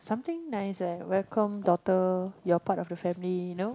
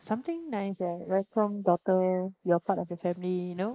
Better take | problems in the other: first | noise reduction (neural mask model Resemble Enhance denoiser)

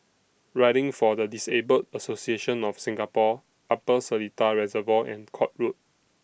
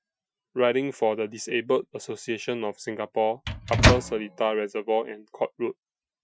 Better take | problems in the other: first | noise reduction (classical method Wiener filter)

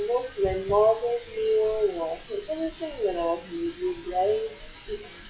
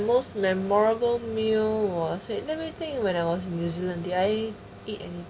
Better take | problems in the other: second | noise reduction (classical method WPE with log-MMSE)

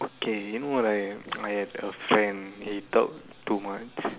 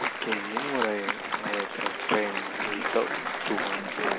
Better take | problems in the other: first | background sound (Applause); 1 dB above the speech

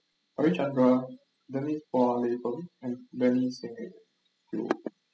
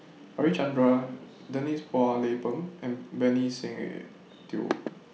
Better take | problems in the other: second | noise reduction (classical method spectral subtraction)

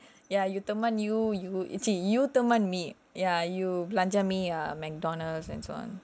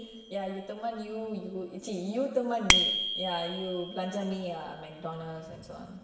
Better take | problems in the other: first | background sound (Bicycle bell); as loud as the speech // room echo; dies away in 1.1 s

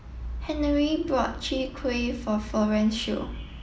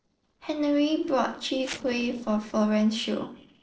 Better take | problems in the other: first | noise reduction (neural separator model SepFormer DNS4)

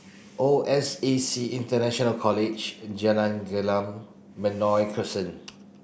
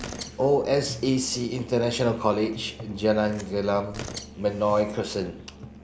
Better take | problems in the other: first | background sound (Musical instrument + Tearing); 15 dB below the speech

